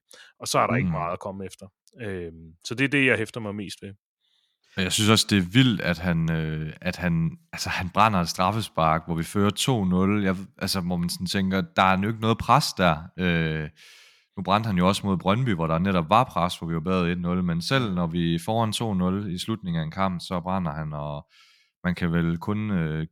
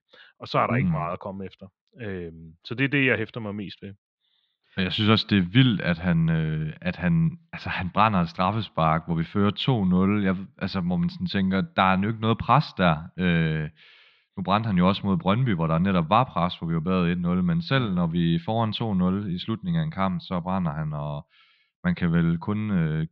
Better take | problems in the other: first | muffled; slightly; fading above 4 kHz

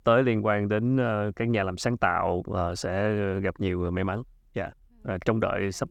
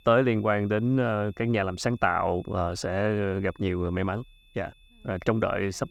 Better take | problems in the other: first | high-pitched whine; faint; throughout; 3.5 kHz, 30 dB below the speech

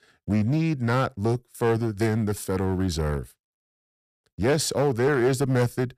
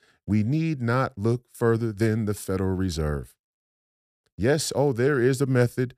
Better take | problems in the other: second | distortion; slight; 7% of the sound clipped

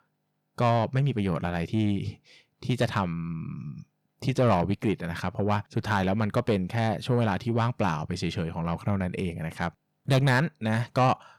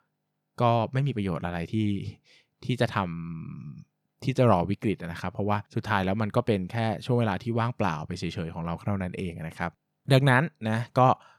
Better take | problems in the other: second | distortion; slight; 10 dB below the speech

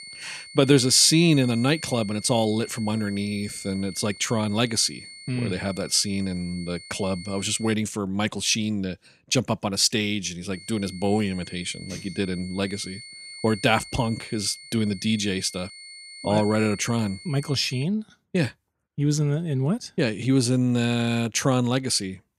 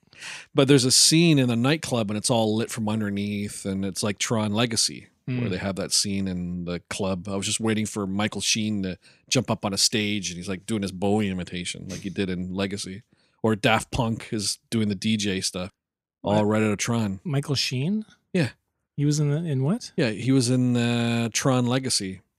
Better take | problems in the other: second | high-pitched whine; noticeable; until 7.5 s and from 11 to 18 s; 4.5 kHz, 15 dB below the speech

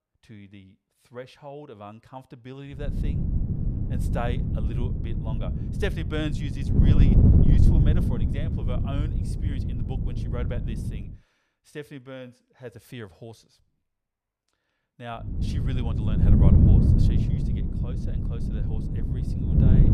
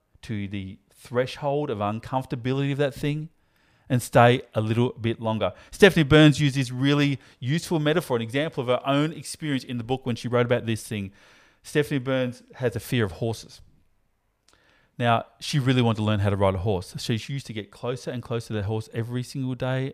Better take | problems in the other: second | wind noise on the microphone; heavy; from 3 to 11 s and from 15 s on; 4 dB above the speech

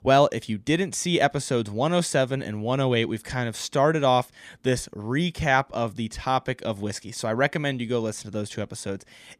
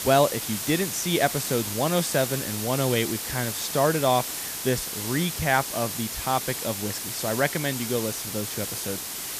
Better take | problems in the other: first | hiss; loud; throughout; 3 dB below the speech

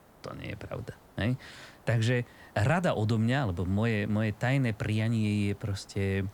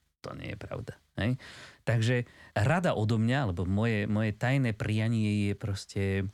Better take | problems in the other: second | hiss; faint; throughout; 25 dB below the speech

